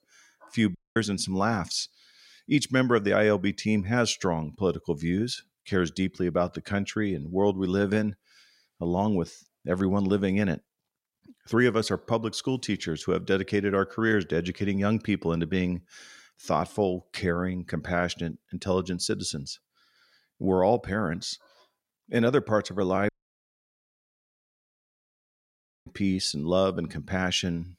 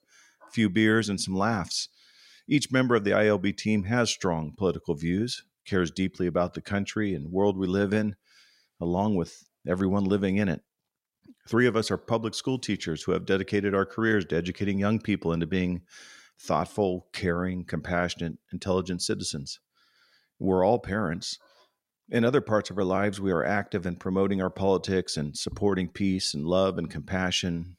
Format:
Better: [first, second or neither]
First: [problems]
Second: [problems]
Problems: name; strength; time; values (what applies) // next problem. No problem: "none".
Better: second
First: audio cutting out; at 1 s and at 23 s for 3 s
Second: none